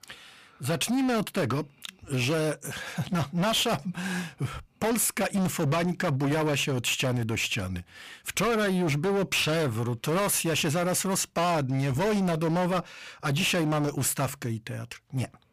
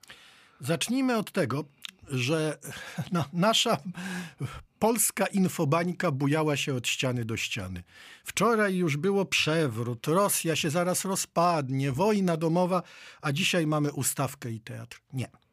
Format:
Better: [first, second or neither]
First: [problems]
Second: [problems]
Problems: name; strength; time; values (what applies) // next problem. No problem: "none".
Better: second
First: distortion; heavy; 21% of the sound clipped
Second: none